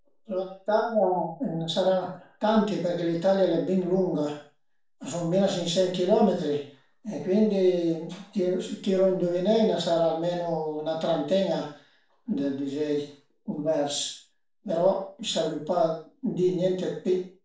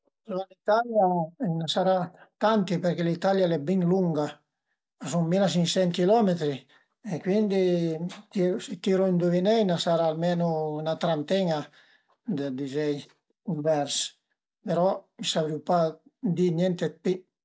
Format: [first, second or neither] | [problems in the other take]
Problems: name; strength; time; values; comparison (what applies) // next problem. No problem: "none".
second | room echo; dies away in 0.4 s